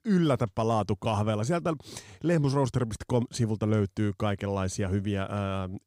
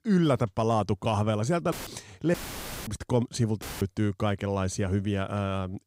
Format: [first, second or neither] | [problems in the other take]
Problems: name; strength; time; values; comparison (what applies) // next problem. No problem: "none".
first | audio cutting out; filled with static; at 1.5 s, at 2.5 s for 0.5 s and at 3.5 s